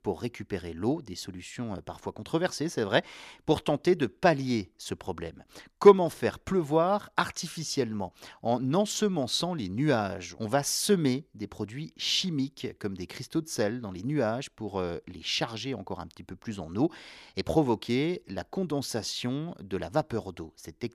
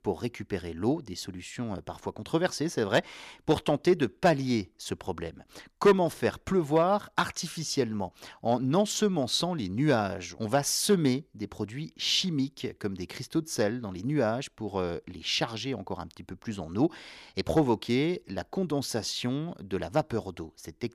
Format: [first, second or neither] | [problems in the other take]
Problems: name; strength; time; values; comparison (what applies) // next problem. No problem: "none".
first | distortion; slight; 0.5% of the sound clipped